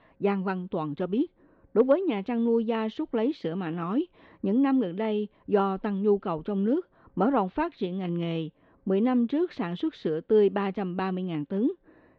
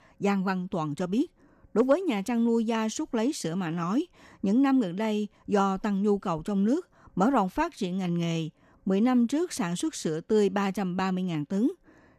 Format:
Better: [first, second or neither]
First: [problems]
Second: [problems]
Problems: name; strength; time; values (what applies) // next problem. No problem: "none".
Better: second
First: muffled; very; fading above 4 kHz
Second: none